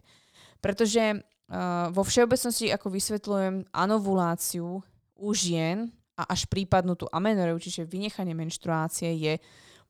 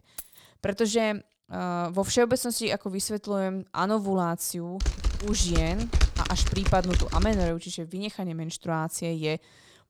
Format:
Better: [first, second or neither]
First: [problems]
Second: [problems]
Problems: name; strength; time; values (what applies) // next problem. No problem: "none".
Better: first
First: none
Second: jangling keys; faint; at the start; peak 15 dB below the speech // keyboard typing; loud; from 5 to 7.5 s; peak 2 dB above the speech